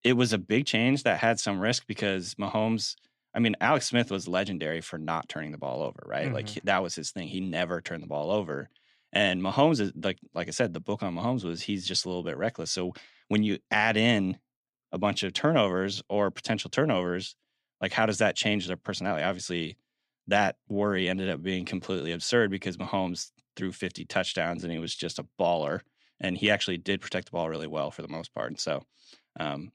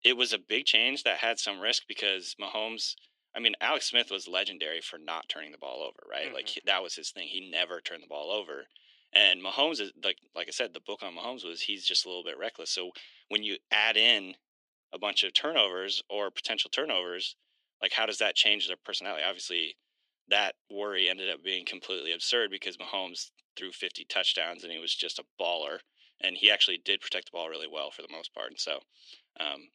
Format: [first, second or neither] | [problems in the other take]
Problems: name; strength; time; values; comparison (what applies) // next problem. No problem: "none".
first | thin; somewhat; fading below 350 Hz